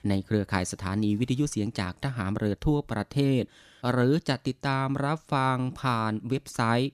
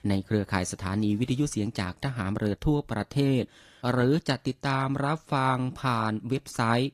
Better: first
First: none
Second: garbled, watery; slightly; nothing above 14.5 kHz

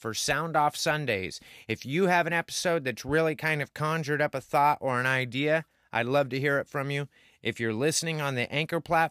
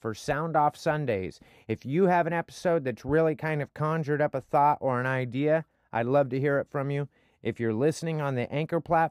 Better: first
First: none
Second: muffled; slightly; fading above 1.5 kHz

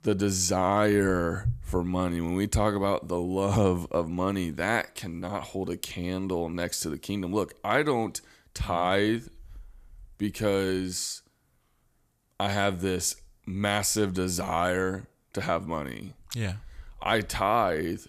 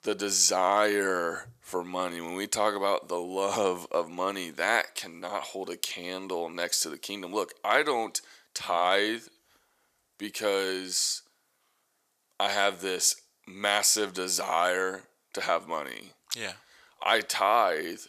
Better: first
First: none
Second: thin; somewhat; fading below 500 Hz

